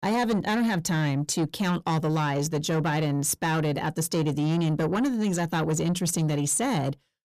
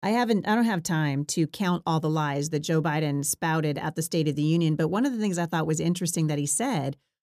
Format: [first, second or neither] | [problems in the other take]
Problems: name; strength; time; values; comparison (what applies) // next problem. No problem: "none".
second | distortion; slight; 10 dB below the speech